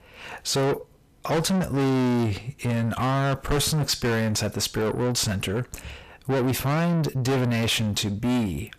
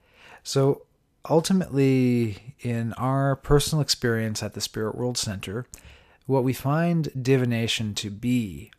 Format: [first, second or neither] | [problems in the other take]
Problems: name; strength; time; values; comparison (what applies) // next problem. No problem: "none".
second | distortion; heavy; 5 dB below the speech